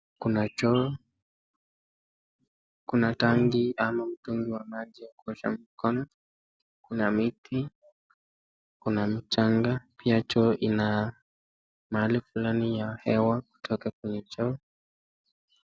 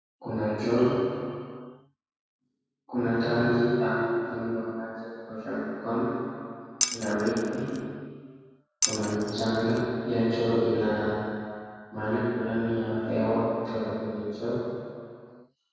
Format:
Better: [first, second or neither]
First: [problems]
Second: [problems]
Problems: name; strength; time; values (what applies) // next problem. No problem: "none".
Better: first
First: none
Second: background sound (Glass); 5 dB below the speech // room echo; dies away in 2.2 s